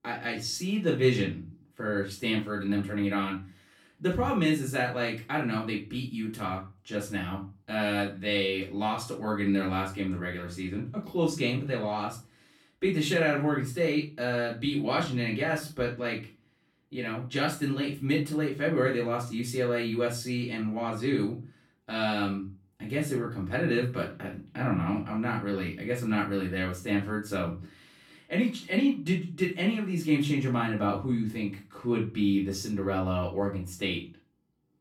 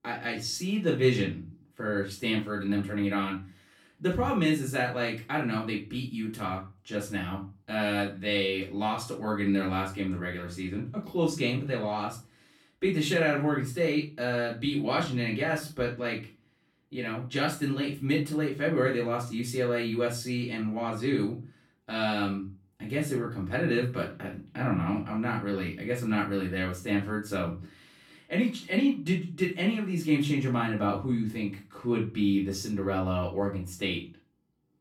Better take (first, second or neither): neither